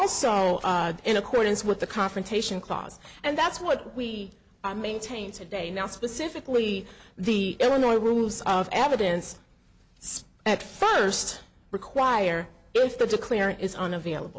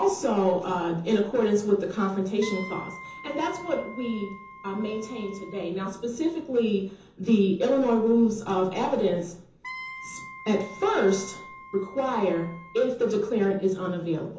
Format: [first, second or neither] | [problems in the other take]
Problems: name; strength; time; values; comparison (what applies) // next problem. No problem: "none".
first | background sound (Wind instrument, woodwind instrument); 17 dB below the speech // room echo; dies away in 0.6 s